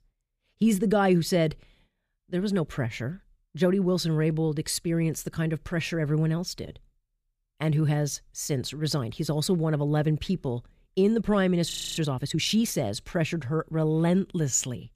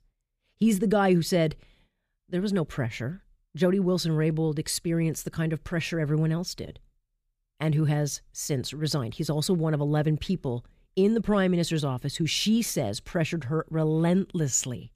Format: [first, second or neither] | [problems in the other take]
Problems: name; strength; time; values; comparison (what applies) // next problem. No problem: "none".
second | audio freezing; at 12 s